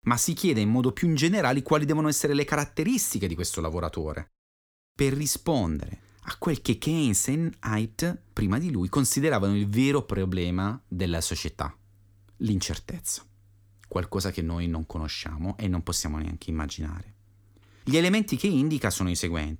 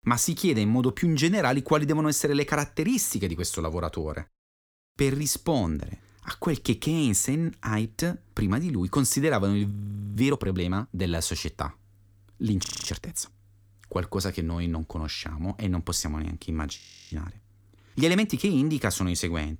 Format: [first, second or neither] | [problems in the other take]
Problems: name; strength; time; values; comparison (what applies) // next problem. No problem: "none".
first | audio freezing; at 9.5 s, at 13 s and at 17 s